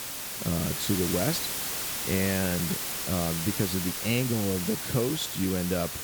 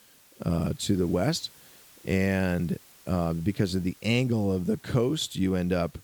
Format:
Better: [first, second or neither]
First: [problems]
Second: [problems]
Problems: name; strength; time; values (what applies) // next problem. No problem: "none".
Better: second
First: hiss; loud; throughout; 1 dB below the speech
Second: hiss; faint; throughout; 25 dB below the speech